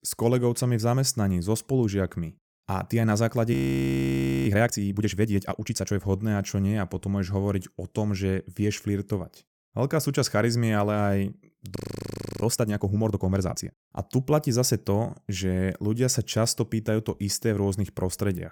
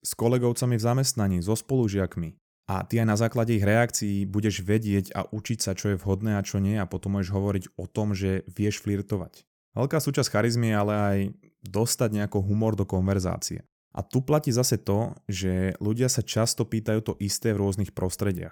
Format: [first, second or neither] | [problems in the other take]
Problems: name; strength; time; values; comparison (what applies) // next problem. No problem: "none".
second | audio freezing; at 3.5 s for 1 s and at 12 s for 0.5 s